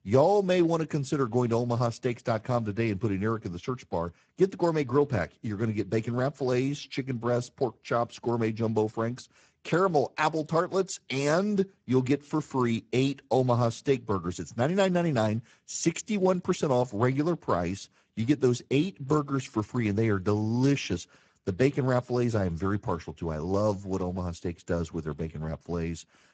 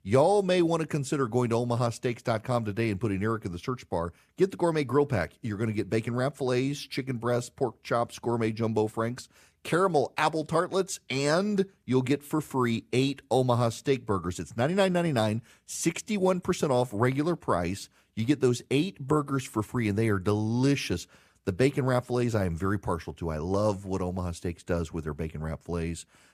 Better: second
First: garbled, watery; badly; nothing above 7.5 kHz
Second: none

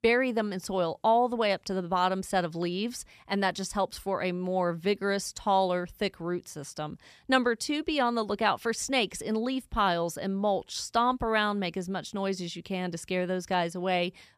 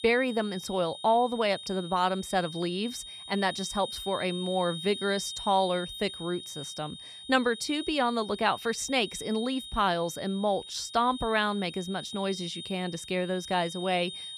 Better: first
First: none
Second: high-pitched whine; noticeable; throughout; 3.5 kHz, 10 dB below the speech

